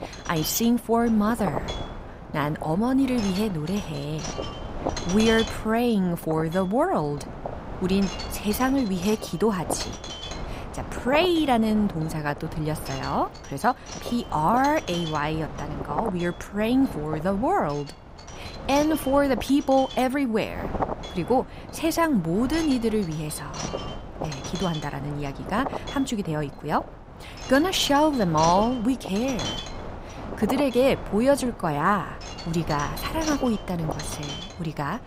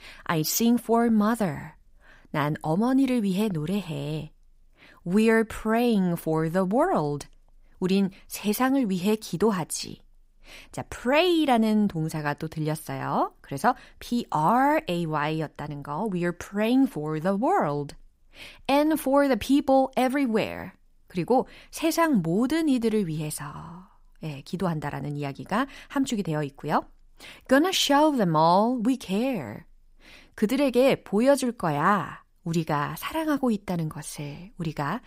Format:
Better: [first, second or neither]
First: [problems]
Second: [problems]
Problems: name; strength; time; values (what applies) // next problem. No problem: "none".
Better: second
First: wind noise on the microphone; heavy; 10 dB below the speech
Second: none